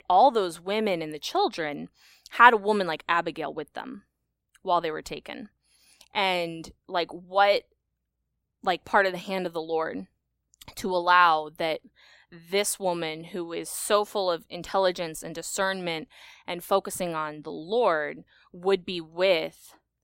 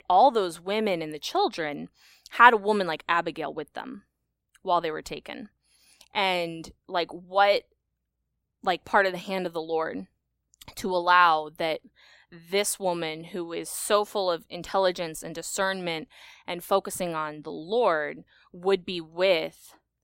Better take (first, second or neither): neither